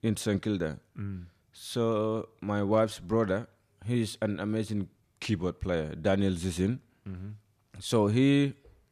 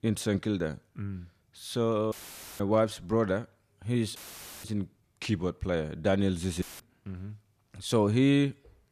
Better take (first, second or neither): first